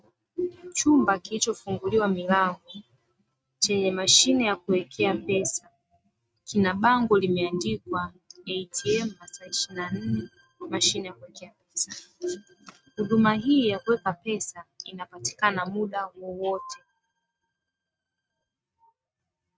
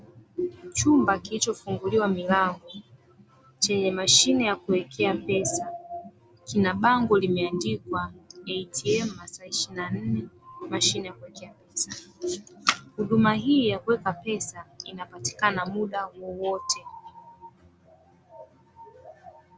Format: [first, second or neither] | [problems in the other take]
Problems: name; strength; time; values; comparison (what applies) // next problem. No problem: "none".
second | noise reduction (neural mask model RNNoise)